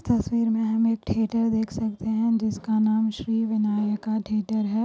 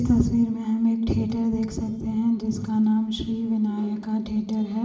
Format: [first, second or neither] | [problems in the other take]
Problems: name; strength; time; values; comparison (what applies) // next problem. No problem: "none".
first | room echo; dies away in 0.8 s